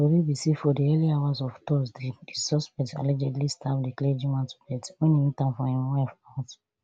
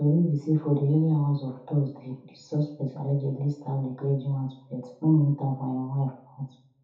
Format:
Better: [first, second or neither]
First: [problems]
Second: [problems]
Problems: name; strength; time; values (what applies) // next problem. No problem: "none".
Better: first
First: none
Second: room echo; dies away in 0.5 s